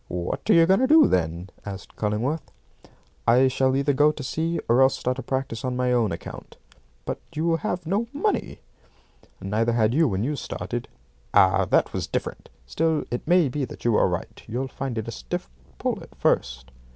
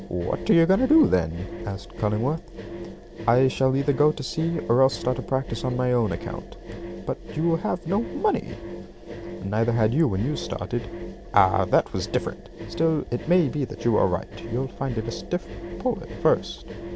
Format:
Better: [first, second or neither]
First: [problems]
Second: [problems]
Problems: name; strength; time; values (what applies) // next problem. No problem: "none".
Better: first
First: none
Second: background sound (Engine); 11 dB below the speech